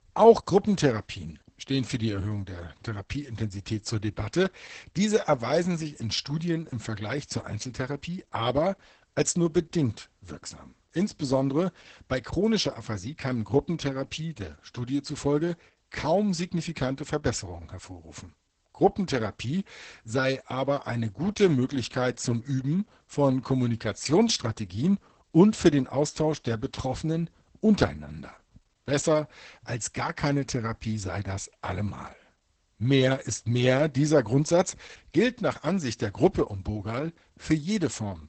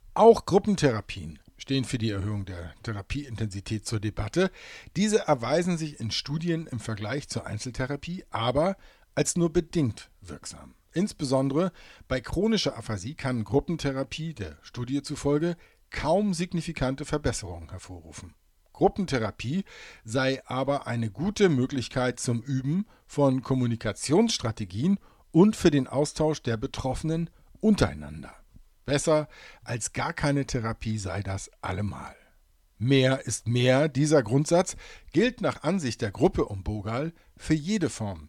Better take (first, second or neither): second